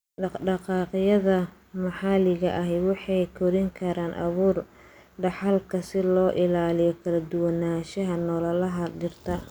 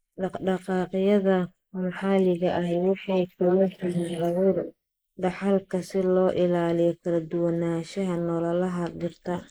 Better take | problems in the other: first | noise reduction (neural mask model Resemble Enhance denoiser)

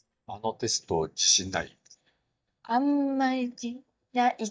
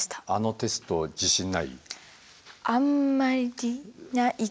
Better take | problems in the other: second | noise reduction (neural mask model DeepFilterNet 3)

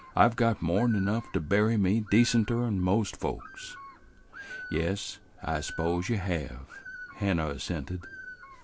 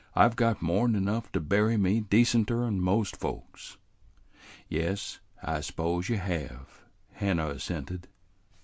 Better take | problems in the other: second | background sound (Bird); 18 dB below the speech

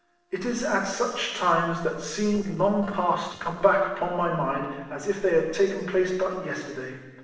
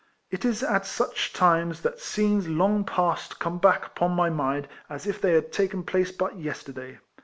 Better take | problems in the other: second | noise reduction (neural separator model SepFormer DNS4)

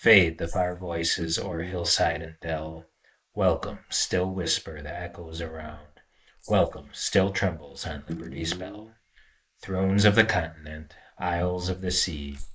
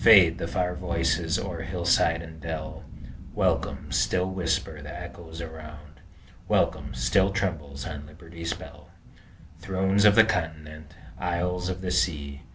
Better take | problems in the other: second | noise reduction (neural mask model Resemble Enhance denoiser)

